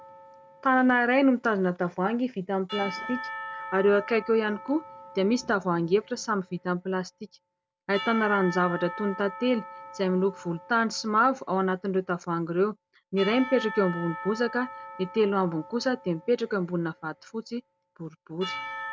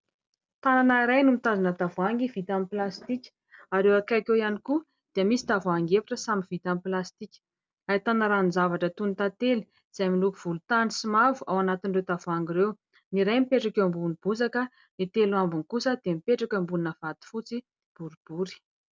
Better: second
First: background sound (Church bell / Percussion); 14 dB below the speech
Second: none

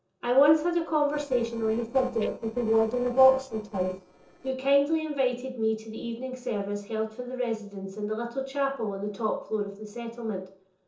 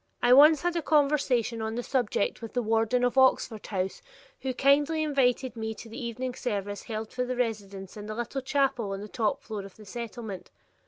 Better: second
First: noise reduction (neural separator model SepFormer DNS4)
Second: none

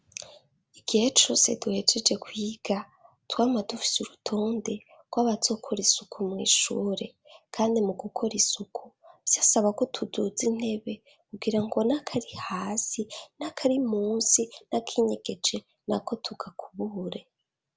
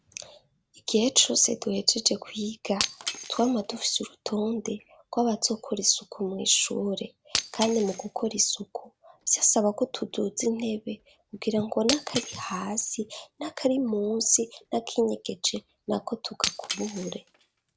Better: first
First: none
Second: background sound (Shatter); 12 dB below the speech

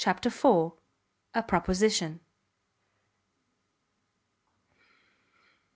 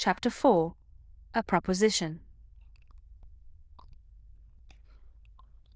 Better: first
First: none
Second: noise reduction (neural diffusion model UNIVERSE++)

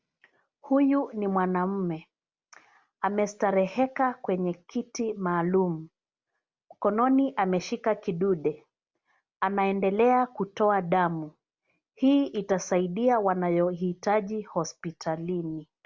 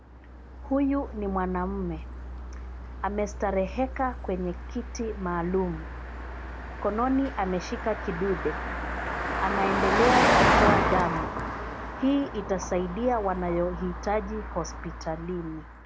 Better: first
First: none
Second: background sound (Car passing by); as loud as the speech

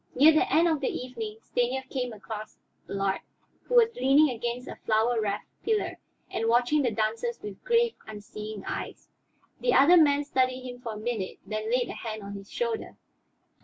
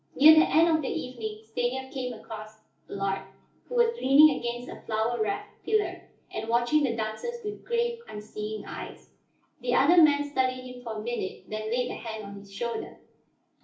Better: first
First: none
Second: room echo; dies away in 0.4 s

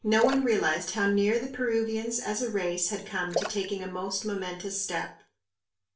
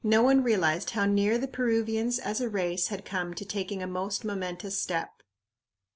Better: second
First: background sound (Splash, splatter); 10 dB below the speech // room echo; dies away in 0.3 s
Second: none

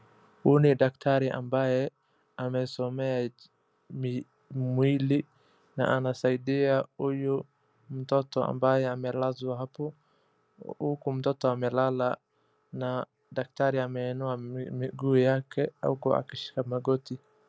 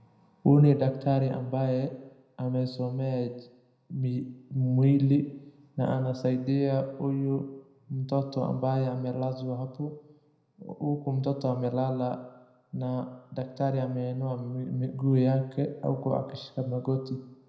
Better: first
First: none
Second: room echo; dies away in 0.8 s

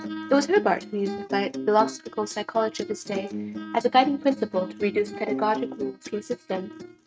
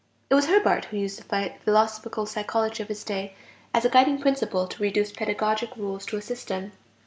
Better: second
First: noise reduction (neural mask model RNNoise)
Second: none

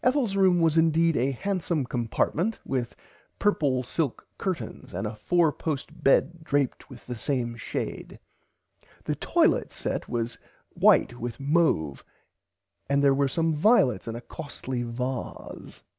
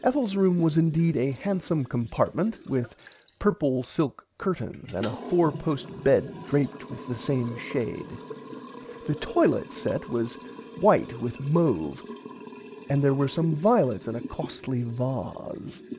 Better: first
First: none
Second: background sound (Liquid); 15 dB below the speech

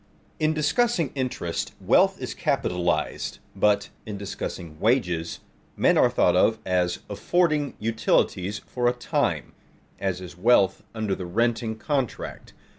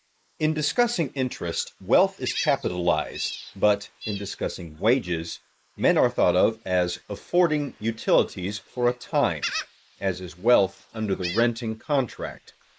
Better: first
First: none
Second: noise reduction (neural mask model Resemble Enhance denoiser)

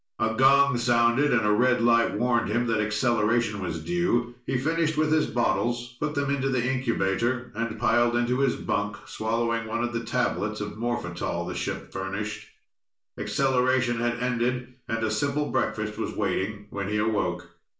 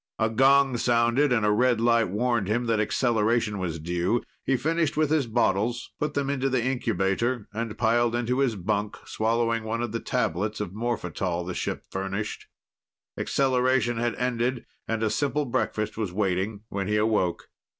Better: second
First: room echo; dies away in 0.4 s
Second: none

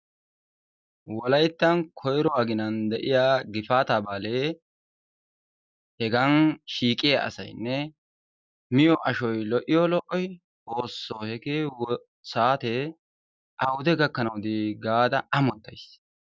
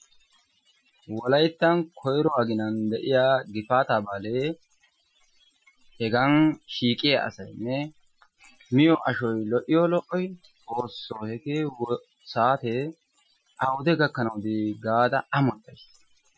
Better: first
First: none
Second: noise reduction (classical method Wiener filter)

